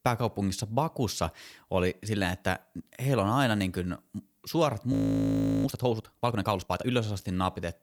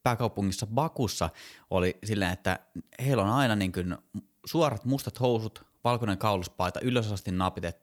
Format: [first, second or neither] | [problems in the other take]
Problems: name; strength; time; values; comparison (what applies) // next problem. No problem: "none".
second | audio freezing; at 5 s for 0.5 s